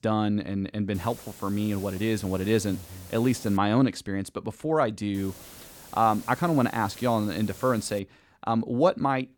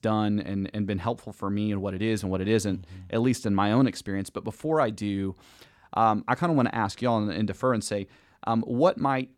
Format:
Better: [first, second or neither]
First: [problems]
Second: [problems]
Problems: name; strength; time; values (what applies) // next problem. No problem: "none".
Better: second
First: hiss; noticeable; from 1 to 3.5 s and from 5 to 8 s; 20 dB below the speech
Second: none